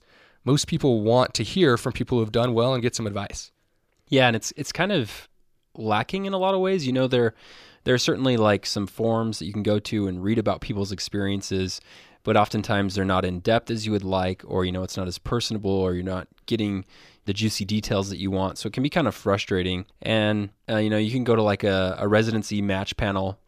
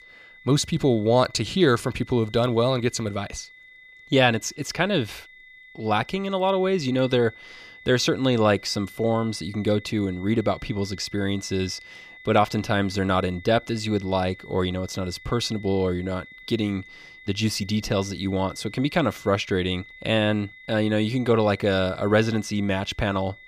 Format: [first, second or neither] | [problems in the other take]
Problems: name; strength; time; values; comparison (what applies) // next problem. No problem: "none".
first | high-pitched whine; faint; throughout; 2 kHz, 20 dB below the speech